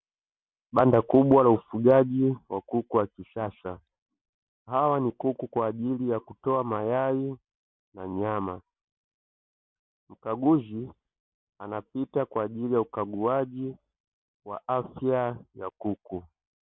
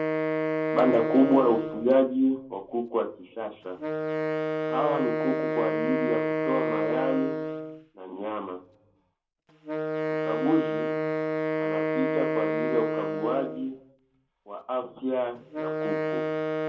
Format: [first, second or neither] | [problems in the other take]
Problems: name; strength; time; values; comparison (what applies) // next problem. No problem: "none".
first | background sound (Wind instrument, woodwind instrument); 1 dB below the speech // room echo; dies away in 0.2 s